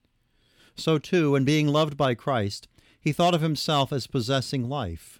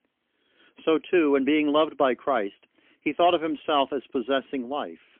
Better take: first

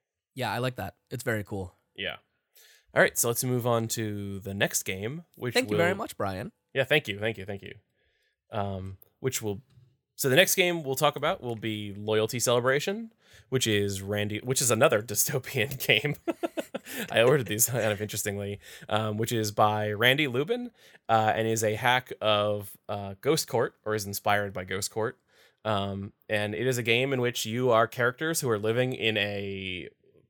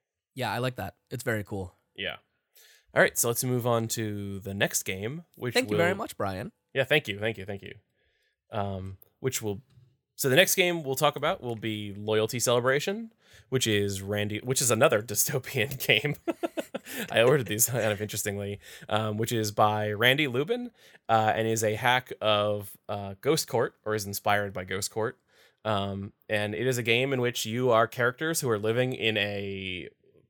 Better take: neither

